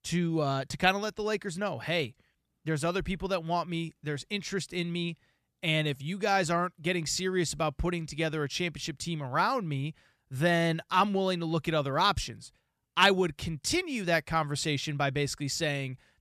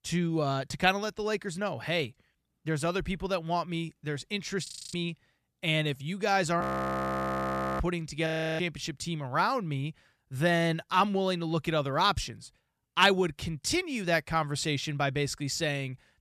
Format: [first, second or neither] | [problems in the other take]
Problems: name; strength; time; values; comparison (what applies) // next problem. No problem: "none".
first | audio freezing; at 4.5 s, at 6.5 s for 1 s and at 8.5 s